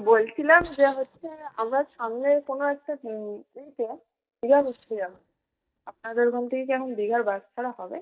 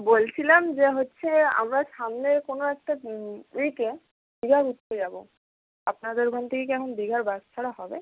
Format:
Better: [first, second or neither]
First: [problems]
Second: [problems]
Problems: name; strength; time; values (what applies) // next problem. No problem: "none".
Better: second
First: noise reduction (neural mask model DeepFilterNet 3)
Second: none